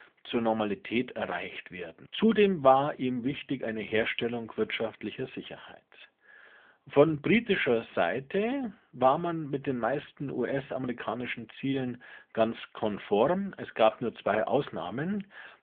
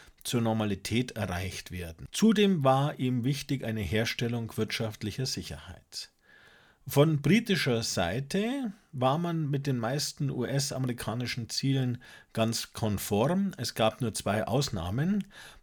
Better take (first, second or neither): second